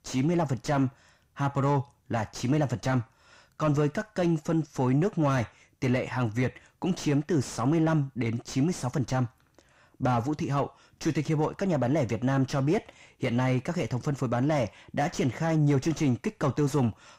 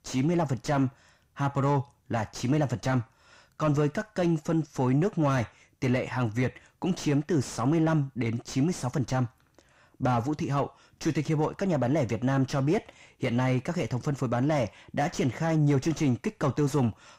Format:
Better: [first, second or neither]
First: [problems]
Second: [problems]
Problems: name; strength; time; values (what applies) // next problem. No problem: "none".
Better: neither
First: distortion; slight; 9 dB below the speech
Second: distortion; slight; 9 dB below the speech